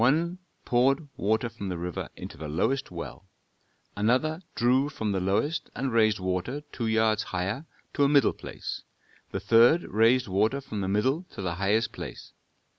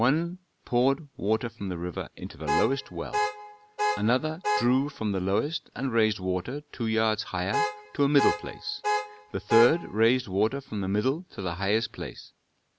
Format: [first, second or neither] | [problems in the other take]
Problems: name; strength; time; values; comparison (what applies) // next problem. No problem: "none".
first | background sound (Alarm / Car); 3 dB below the speech